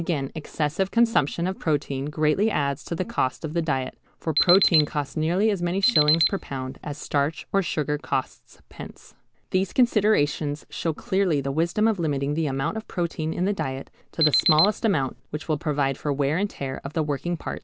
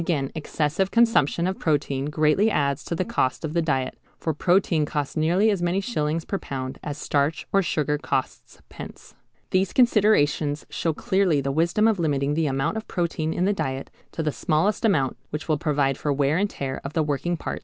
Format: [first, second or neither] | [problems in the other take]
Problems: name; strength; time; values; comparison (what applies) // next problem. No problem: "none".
second | background sound (Alarm); 1 dB below the speech